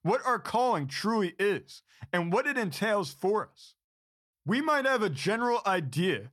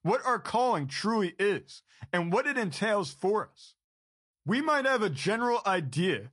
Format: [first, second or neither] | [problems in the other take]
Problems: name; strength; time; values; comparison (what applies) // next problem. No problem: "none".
first | garbled, watery; slightly; nothing above 9.5 kHz